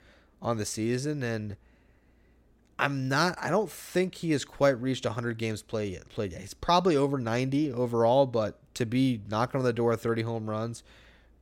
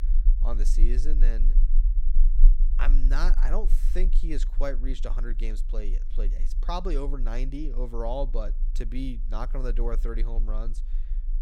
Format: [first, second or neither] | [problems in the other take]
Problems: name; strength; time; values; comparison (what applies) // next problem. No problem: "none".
first | low rumble; noticeable; throughout; 20 dB below the speech